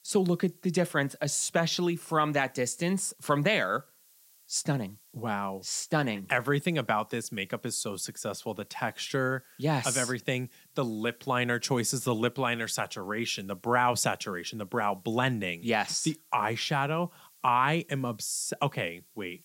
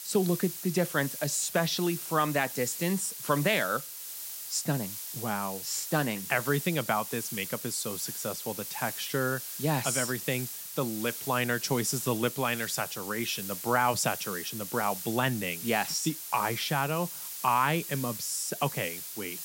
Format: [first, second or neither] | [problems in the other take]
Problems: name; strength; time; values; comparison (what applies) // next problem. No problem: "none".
first | hiss; loud; throughout; 6 dB below the speech; faint in the first